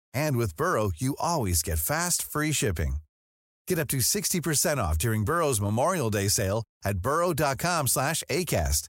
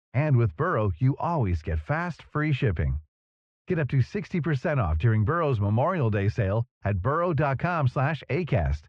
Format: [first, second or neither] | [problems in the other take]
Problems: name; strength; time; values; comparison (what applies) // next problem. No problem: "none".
first | muffled; very; fading above 3 kHz